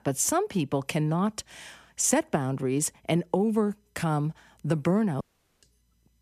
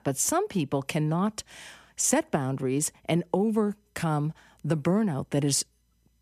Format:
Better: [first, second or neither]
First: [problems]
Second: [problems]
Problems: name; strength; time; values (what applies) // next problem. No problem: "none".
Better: second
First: audio cutting out; at 5 s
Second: none